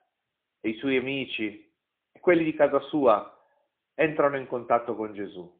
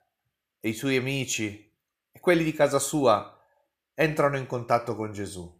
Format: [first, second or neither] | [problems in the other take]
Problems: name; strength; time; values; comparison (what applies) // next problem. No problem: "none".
second | phone-call audio; poor line; nothing above 3.5 kHz